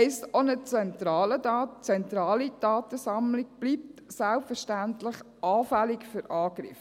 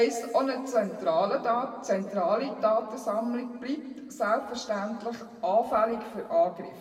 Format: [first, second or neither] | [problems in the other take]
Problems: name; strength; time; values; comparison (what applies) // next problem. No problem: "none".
first | room echo; dies away in 1.6 s